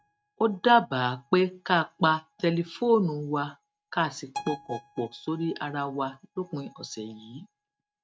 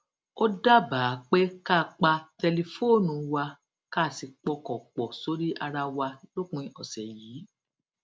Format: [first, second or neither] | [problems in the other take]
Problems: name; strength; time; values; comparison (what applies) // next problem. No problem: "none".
second | noise reduction (neural mask model RNNoise)